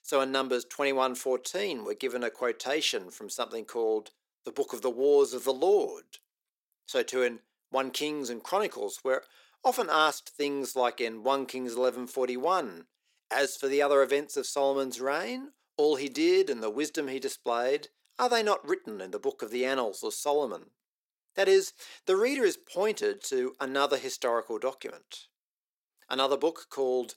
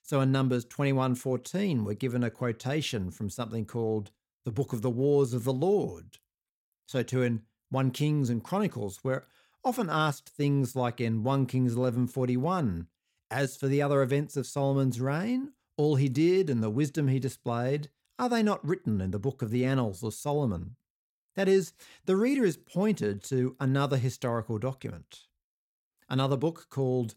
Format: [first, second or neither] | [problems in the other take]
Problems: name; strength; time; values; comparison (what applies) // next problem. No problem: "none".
second | thin; very; fading below 350 Hz